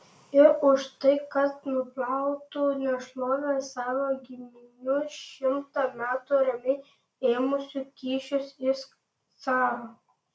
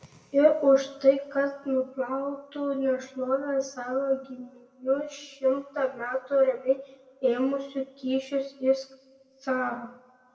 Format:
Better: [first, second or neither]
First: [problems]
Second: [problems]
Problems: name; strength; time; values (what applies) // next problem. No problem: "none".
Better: first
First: none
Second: room echo; dies away in 1.2 s